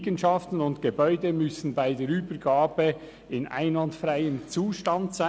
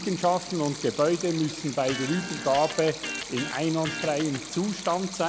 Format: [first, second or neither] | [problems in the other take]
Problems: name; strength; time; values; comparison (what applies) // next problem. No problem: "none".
first | background sound (Electric guitar + Stream); 10 dB below the speech